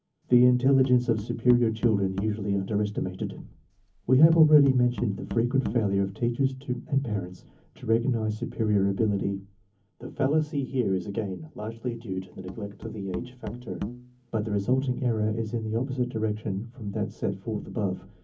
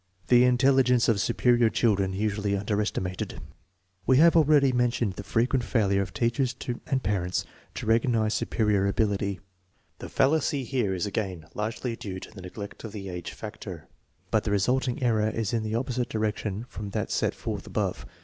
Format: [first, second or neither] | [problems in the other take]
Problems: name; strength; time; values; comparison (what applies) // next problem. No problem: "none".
second | background sound (Musical instrument); 13 dB below the speech // room echo; dies away in 0.3 s